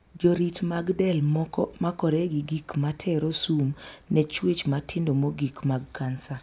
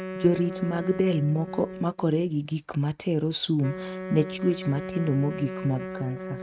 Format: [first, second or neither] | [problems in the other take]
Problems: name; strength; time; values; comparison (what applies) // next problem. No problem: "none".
first | noise reduction (neural mask model RNNoise)